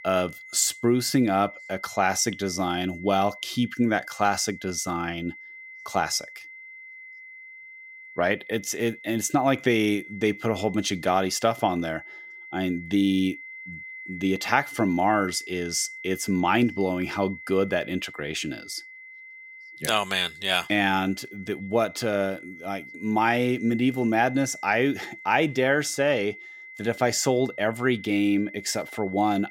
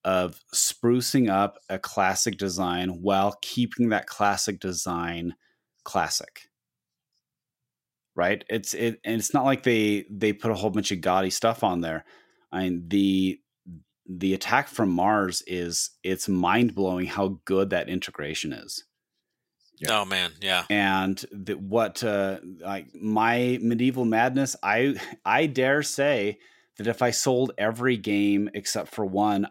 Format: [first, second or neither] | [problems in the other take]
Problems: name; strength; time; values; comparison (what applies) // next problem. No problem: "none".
second | high-pitched whine; noticeable; throughout; 2 kHz, 15 dB below the speech